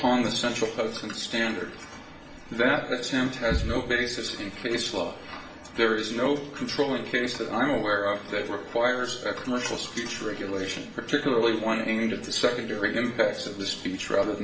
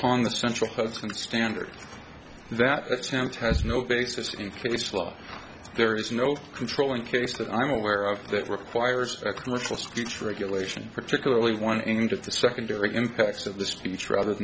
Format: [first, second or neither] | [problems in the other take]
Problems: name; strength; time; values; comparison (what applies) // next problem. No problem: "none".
second | room echo; dies away in 0.7 s